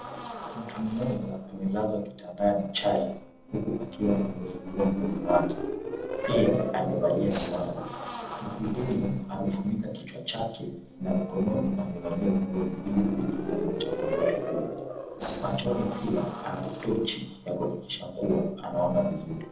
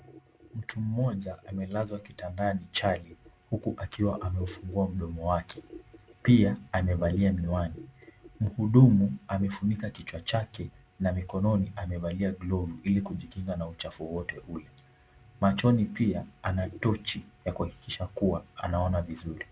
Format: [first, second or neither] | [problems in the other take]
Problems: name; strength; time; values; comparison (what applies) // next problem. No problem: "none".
second | noise reduction (neural separator model SepFormer DNS4)